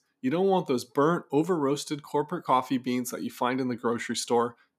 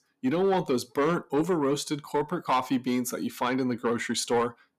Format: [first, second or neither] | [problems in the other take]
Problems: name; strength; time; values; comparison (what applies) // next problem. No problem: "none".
first | distortion; slight; 10 dB below the speech